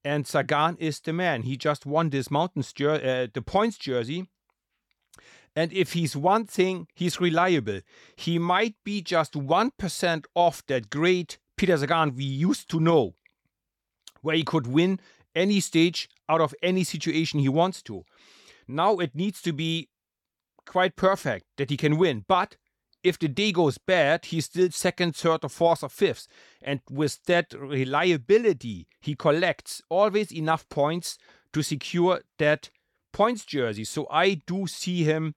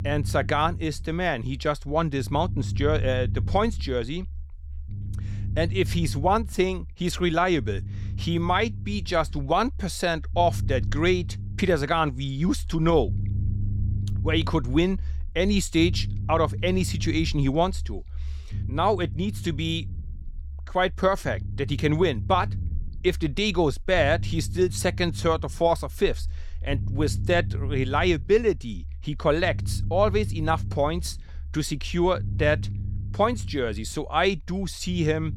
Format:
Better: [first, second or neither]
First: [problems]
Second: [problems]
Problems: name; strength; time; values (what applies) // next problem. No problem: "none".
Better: first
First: none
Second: low rumble; faint; throughout; 20 dB below the speech